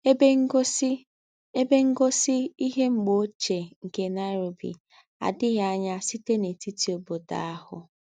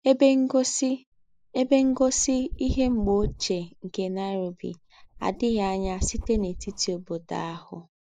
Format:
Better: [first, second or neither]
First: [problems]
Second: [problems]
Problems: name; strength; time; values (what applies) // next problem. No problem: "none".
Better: first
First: none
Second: noise reduction (neural mask model Resemble Enhance denoiser)